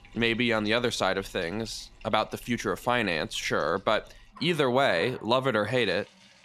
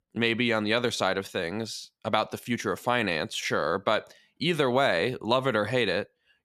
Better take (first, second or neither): second